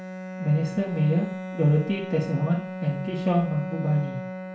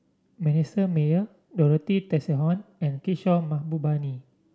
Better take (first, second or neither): second